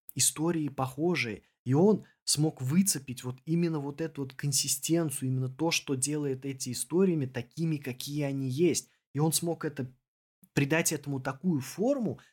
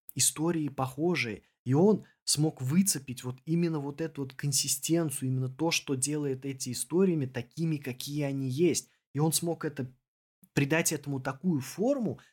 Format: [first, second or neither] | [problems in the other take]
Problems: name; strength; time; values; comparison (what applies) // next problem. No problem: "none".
neither | none